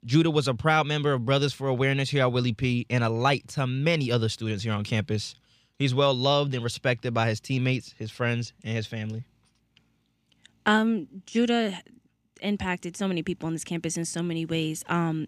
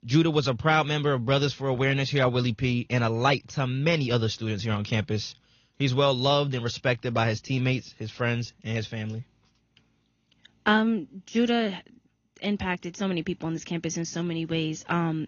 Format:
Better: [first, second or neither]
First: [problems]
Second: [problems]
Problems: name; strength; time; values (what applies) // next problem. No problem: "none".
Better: first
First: none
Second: garbled, watery; slightly; nothing above 6.5 kHz